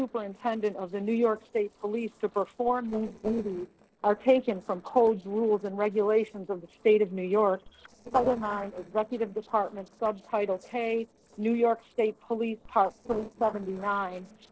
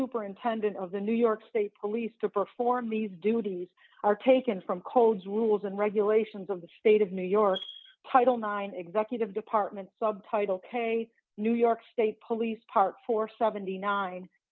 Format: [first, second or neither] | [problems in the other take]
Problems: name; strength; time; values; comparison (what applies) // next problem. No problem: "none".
second | noise reduction (neural separator model SepFormer DNS4)